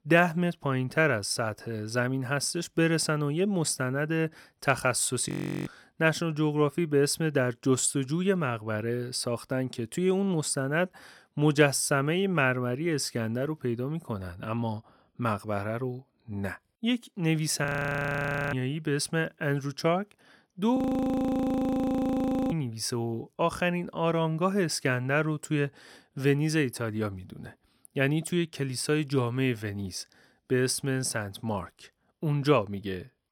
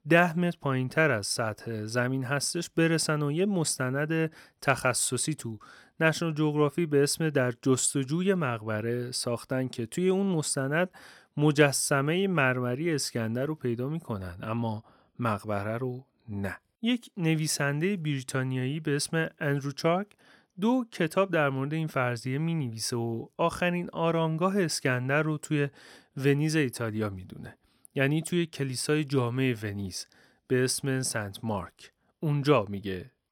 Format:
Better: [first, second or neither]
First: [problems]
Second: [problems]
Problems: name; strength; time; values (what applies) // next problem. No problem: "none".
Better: second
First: audio freezing; at 5.5 s, at 18 s for 1 s and at 21 s for 1.5 s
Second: none